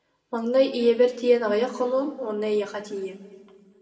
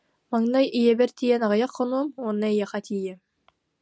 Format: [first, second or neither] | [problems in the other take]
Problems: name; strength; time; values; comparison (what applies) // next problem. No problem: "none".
second | room echo; dies away in 1.4 s